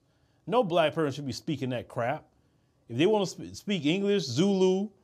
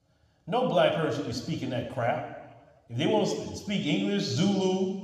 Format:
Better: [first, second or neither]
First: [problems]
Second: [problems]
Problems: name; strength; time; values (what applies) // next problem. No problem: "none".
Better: first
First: none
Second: room echo; noticeable; dies away in 1.1 s